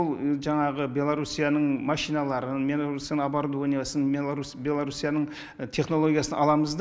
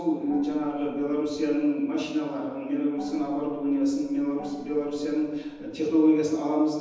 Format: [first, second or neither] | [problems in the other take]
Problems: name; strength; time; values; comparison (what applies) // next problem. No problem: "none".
first | background sound (Gong); 20 dB below the speech // room echo; dies away in 1.1 s